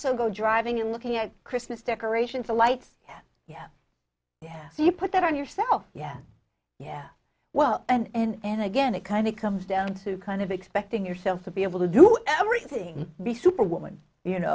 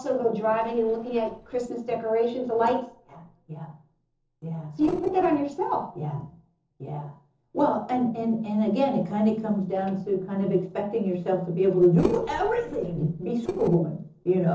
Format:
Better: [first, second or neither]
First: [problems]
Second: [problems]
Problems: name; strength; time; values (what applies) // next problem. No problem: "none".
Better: first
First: none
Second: noise reduction (neural separator model SepFormer DNS4)